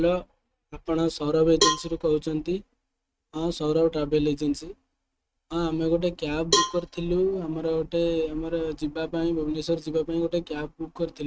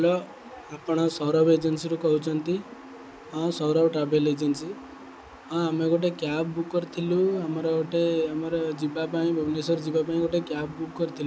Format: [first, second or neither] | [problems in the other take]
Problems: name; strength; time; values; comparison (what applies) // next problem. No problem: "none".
second | noise reduction (neural mask model RNNoise)